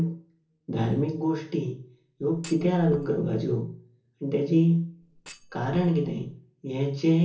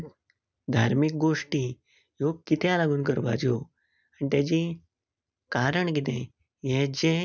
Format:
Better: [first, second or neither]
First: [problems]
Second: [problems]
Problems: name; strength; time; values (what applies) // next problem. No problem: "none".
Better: second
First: noise reduction (neural separator model SepFormer DNS4)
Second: none